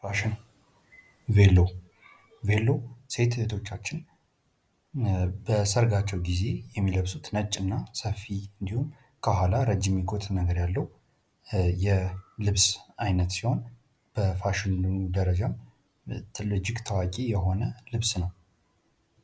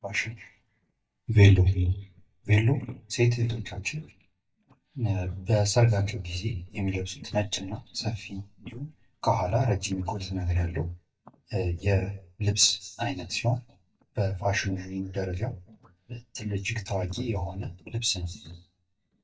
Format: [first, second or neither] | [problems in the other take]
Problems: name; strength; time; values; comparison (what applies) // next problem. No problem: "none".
first | noise reduction (neural mask model DeepFilterNet 3)